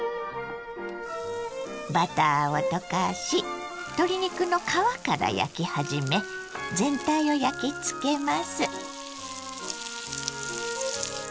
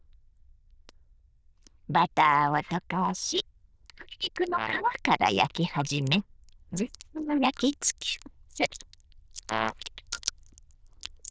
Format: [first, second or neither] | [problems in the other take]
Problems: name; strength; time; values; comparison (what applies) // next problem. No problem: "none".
first | noise reduction (neural diffusion model UNIVERSE++)